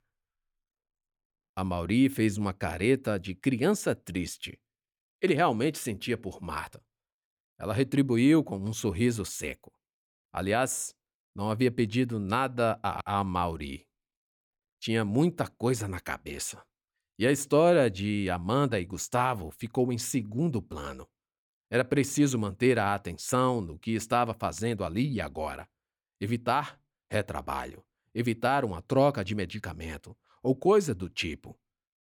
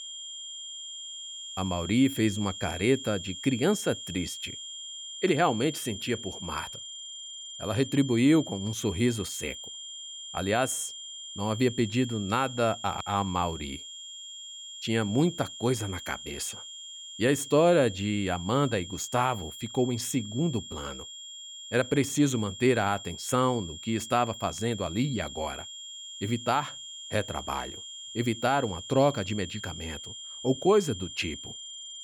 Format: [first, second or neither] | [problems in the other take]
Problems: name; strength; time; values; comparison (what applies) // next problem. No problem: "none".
first | high-pitched whine; noticeable; throughout; 3 kHz, 10 dB below the speech